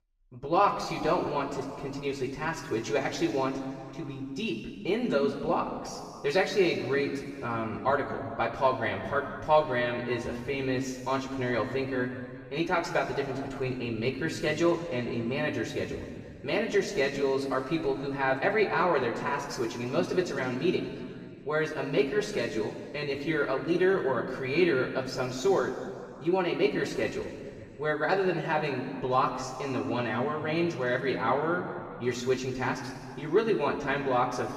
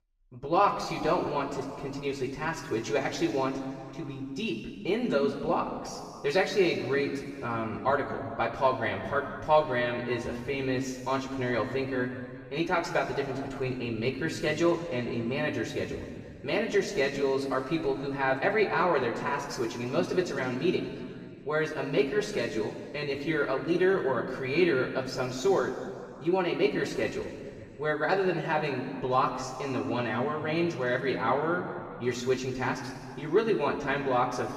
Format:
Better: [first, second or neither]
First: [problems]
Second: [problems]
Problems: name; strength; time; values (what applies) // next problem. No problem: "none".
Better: neither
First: room echo; noticeable; dies away in 2 s // off-mic speech; far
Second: room echo; noticeable; dies away in 2 s // off-mic speech; far